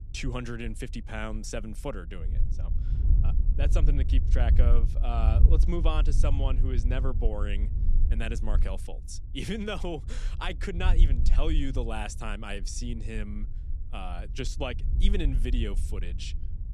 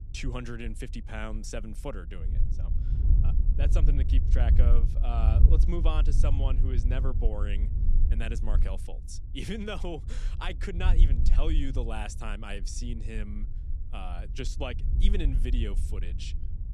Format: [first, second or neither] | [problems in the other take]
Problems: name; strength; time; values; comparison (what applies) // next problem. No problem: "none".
first | wind noise on the microphone; heavy; 8 dB below the speech; occasional gusts in the first